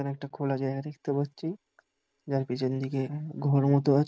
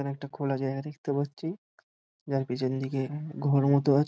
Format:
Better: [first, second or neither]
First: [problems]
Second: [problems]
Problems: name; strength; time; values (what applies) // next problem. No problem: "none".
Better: second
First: noise reduction (neural mask model Resemble Enhance denoiser)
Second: none